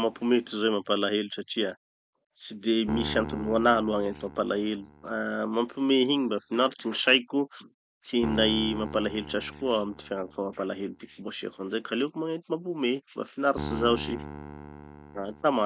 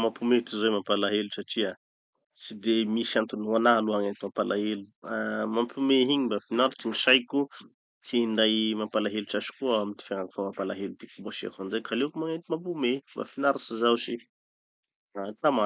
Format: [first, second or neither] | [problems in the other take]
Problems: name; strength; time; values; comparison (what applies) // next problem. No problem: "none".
second | background sound (Piano); 14 dB below the speech